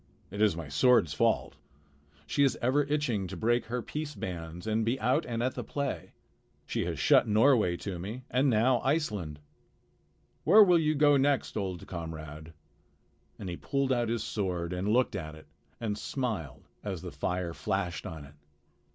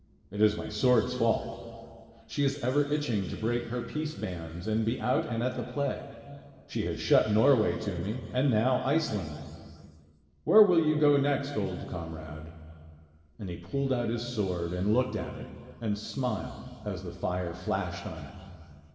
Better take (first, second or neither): first